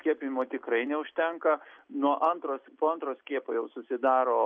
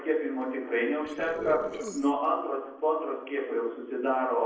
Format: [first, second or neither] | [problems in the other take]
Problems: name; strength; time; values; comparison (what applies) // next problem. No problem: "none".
first | noise reduction (neural separator model SepFormer DNS4)